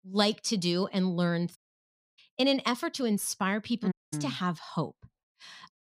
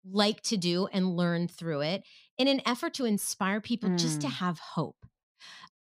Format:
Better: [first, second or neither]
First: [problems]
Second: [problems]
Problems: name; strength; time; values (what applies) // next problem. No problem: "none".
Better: second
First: audio cutting out; at 1.5 s for 0.5 s and at 4 s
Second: none